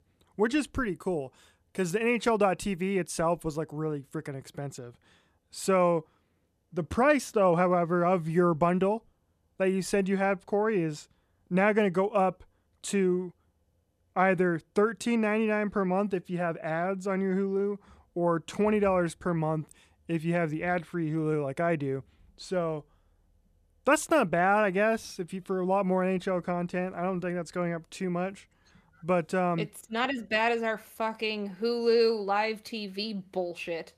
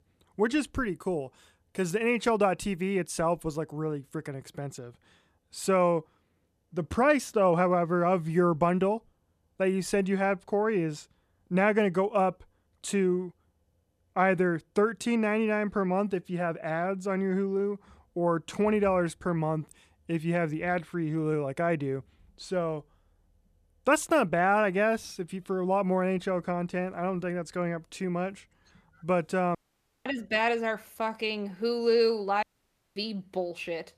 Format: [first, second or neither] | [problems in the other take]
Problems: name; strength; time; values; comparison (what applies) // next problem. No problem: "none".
first | audio cutting out; at 30 s for 0.5 s and at 32 s for 0.5 s